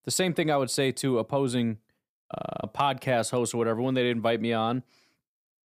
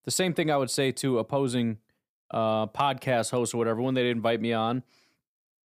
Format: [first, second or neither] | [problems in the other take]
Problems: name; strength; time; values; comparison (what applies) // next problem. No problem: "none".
second | audio freezing; at 2.5 s